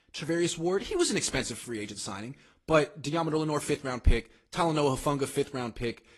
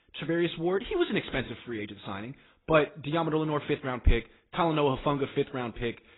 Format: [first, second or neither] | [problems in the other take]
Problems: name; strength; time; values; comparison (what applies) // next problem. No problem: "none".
first | garbled, watery; badly; nothing above 4 kHz; slightly in the first